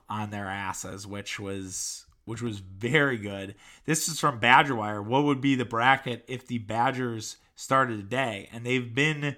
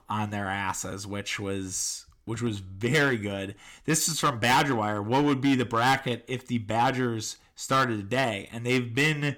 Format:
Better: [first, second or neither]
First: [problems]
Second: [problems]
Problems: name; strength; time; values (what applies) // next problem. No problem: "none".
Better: first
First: none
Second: distortion; heavy; 5% of the sound clipped